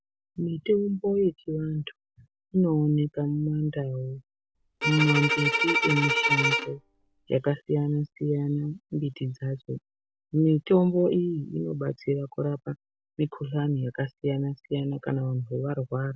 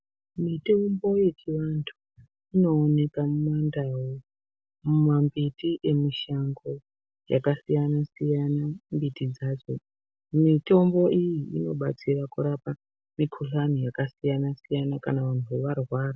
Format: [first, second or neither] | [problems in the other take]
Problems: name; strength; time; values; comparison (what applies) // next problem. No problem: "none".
second | background sound (Bowed string instrument); as loud as the speech